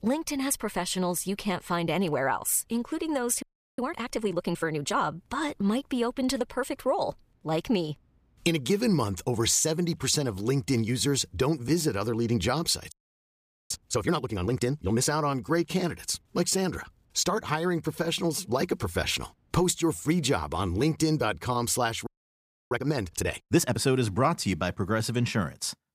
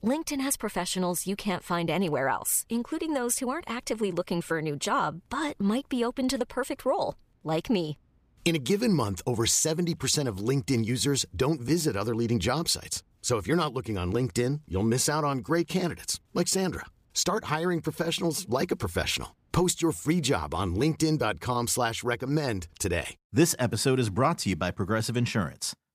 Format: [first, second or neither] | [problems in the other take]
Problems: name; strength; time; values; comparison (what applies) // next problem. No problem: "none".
second | audio freezing; at 3.5 s, at 13 s for 1 s and at 22 s for 0.5 s